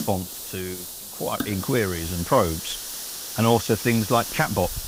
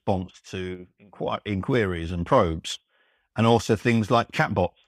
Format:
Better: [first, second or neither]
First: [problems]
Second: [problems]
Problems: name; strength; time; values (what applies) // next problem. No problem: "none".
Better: second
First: hiss; loud; throughout; 7 dB below the speech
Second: none